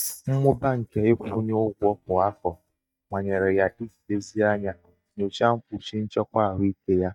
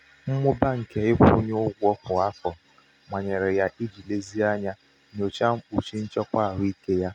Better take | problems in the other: second | noise reduction (neural mask model DeepFilterNet 3)

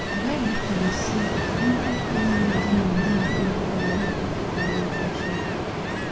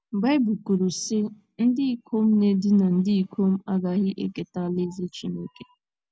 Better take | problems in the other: second | background sound (Ocean); 2 dB above the speech // room echo; dies away in 1.7 s

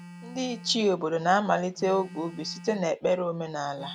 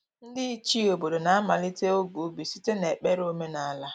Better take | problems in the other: second | background sound (Telephone); 19 dB below the speech

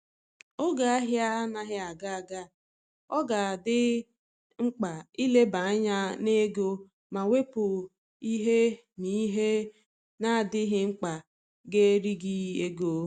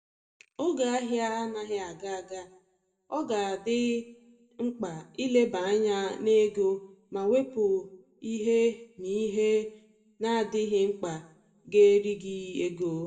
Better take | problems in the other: first | room echo; dies away in 0.7 s

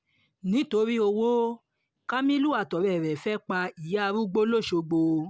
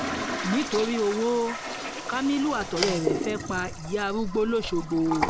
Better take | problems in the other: first | background sound (Toilet flush); 5 dB below the speech

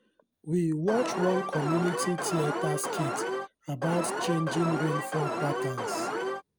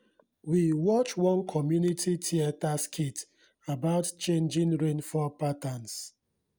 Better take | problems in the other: second | background sound (Alarm); 1 dB below the speech

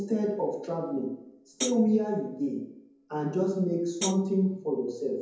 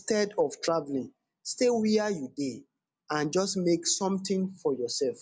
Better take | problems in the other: second | background sound (Hi-hat); 6 dB below the speech // room echo; dies away in 0.9 s

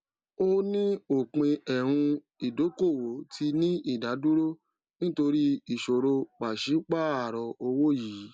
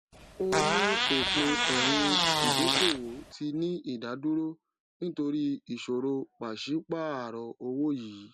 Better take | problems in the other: first | background sound (Fart); 5 dB above the speech

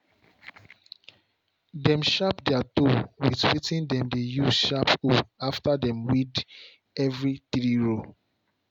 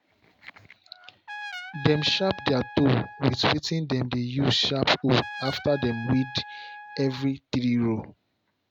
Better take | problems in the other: first | background sound (Trumpet); 15 dB below the speech

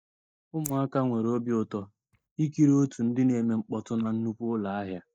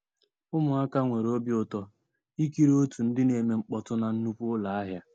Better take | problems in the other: second | noise reduction (neural mask model DeepFilterNet 3)

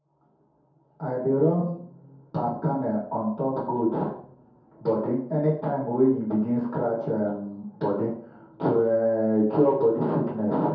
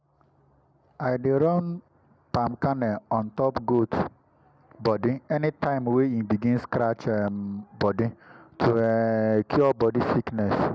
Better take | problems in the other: second | room echo; dies away in 0.6 s

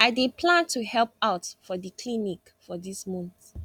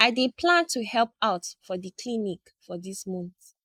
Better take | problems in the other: first | noise reduction (neural mask model Resemble Enhance denoiser)

